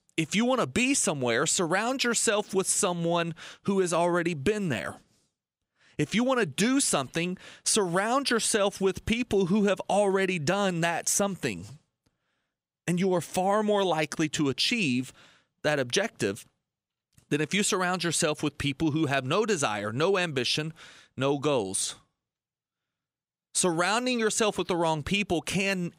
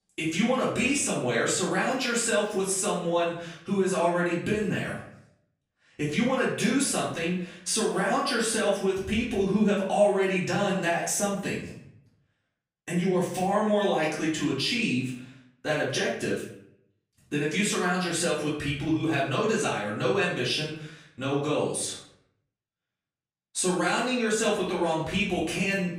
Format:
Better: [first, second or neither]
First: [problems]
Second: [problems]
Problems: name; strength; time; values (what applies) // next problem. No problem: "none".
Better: first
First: none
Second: off-mic speech; far // room echo; noticeable; dies away in 0.6 s